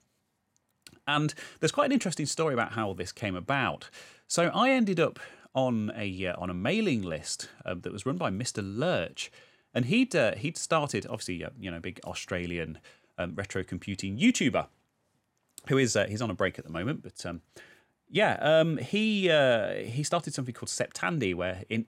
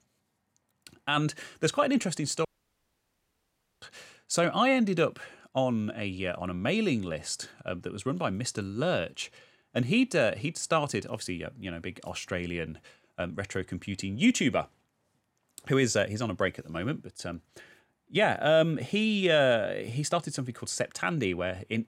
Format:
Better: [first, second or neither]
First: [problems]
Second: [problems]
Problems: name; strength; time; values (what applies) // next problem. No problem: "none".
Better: first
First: none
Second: audio cutting out; at 2.5 s for 1.5 s